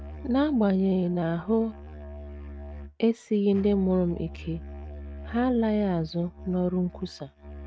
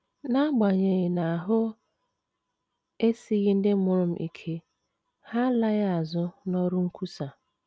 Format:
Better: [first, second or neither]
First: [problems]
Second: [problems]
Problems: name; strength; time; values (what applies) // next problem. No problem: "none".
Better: second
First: noise reduction (neural mask model RNNoise)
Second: none